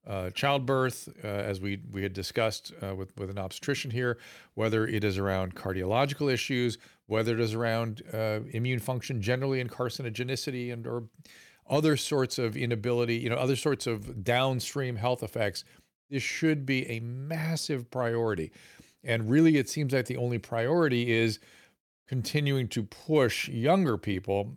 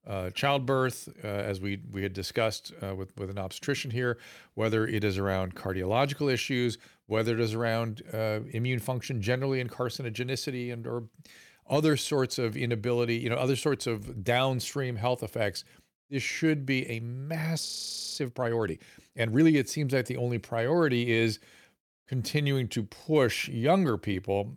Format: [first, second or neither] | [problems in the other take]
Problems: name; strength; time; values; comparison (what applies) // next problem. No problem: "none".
first | audio freezing; at 18 s for 0.5 s